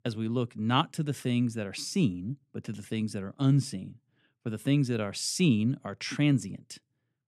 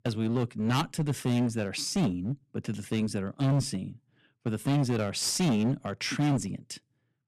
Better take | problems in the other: first | distortion; heavy; 15% of the sound clipped

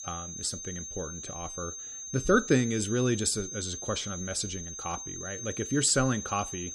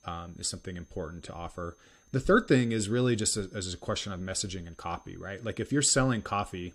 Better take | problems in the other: second | high-pitched whine; loud; throughout; 6.5 kHz, 8 dB below the speech; faint in the second

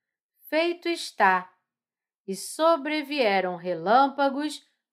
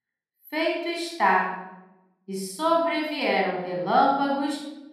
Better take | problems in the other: first | room echo; noticeable; dies away in 0.8 s // off-mic speech; somewhat distant

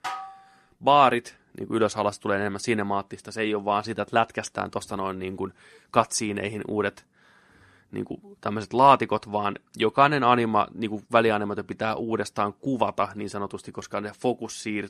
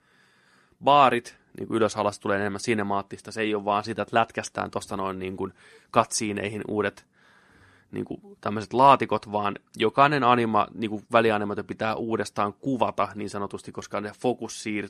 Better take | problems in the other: second | clattering dishes; noticeable; at the start; peak 9 dB below the speech

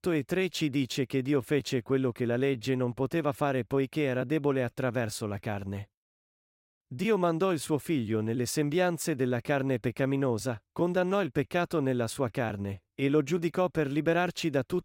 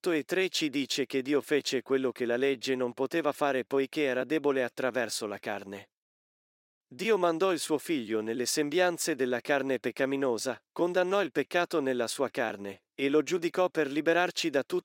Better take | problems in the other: first | thin; very slightly; fading below 350 Hz

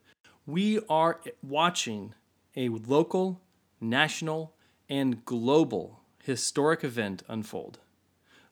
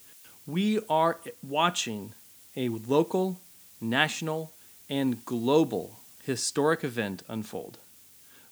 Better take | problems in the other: first | hiss; faint; throughout; 20 dB below the speech

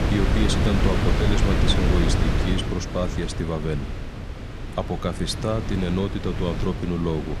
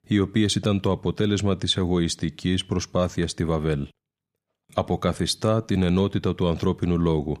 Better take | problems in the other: second | wind noise on the microphone; heavy; 2 dB below the speech

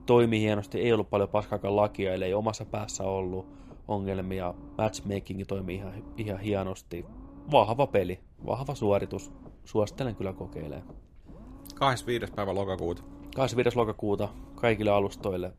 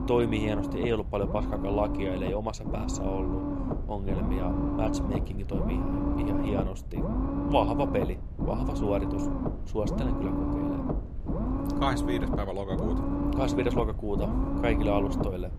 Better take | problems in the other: first | low rumble; loud; throughout; 3 dB below the speech; faint in the first

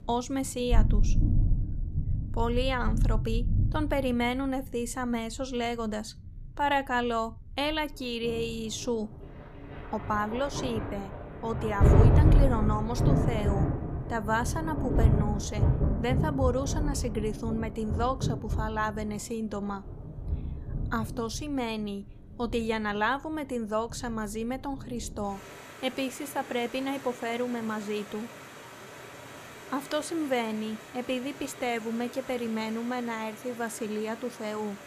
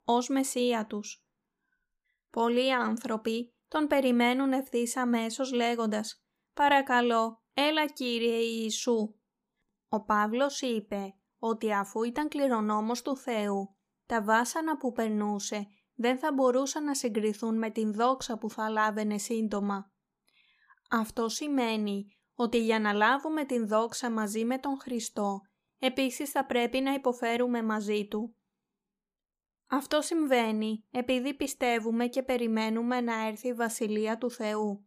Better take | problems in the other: second | rain or running water; very loud; throughout; 3 dB above the speech

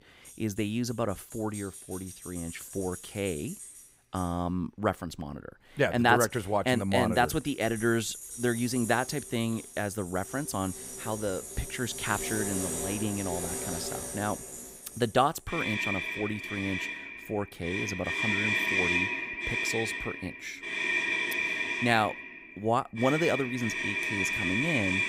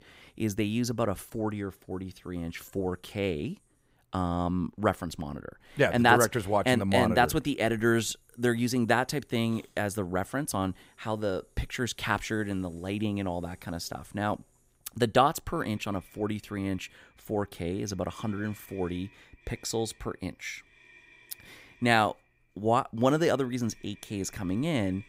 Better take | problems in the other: second | traffic noise; loud; throughout; 1 dB below the speech; faint in the second

